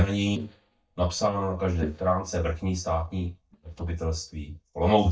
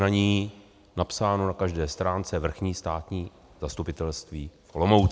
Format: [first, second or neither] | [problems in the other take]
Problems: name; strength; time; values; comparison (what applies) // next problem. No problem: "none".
second | noise reduction (neural mask model DeepFilterNet 3)